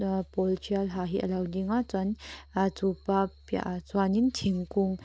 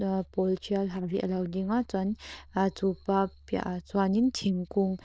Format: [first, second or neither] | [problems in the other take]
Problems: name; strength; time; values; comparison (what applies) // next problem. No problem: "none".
first | noise reduction (neural diffusion model UNIVERSE++)